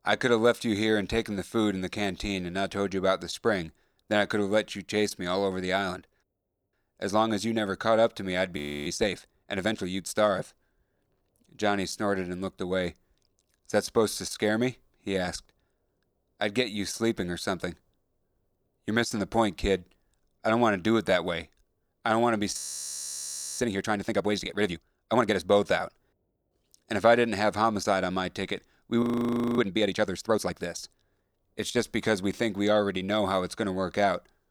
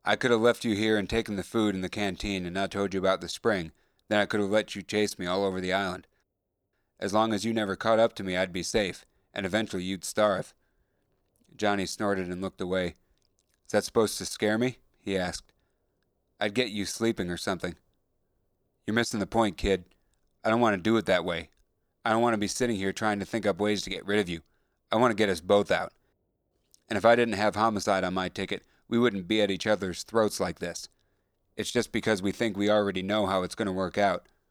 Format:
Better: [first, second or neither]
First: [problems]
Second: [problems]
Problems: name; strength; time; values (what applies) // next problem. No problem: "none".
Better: second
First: audio freezing; at 8.5 s, at 23 s for 1 s and at 29 s for 0.5 s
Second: none